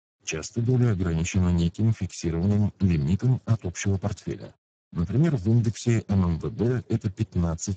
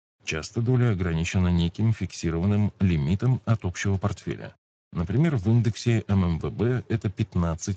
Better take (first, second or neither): second